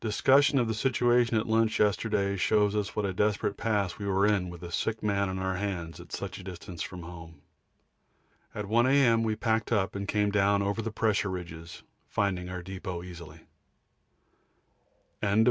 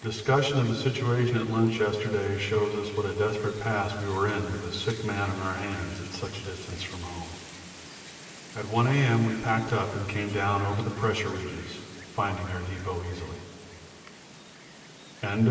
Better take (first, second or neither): first